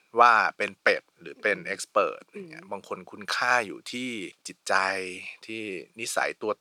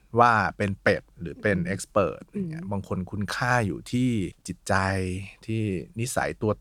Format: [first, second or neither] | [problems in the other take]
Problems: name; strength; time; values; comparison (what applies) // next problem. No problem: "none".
second | thin; very; fading below 450 Hz